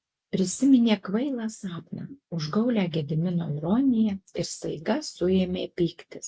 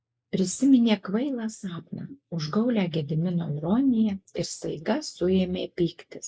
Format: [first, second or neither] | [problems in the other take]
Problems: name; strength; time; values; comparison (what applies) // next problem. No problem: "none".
first | noise reduction (neural mask model Resemble Enhance denoiser)